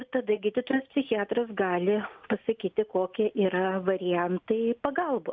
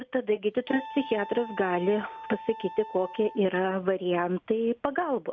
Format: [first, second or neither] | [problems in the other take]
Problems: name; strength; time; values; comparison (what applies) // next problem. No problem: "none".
first | background sound (Wind instrument, woodwind instrument); 15 dB below the speech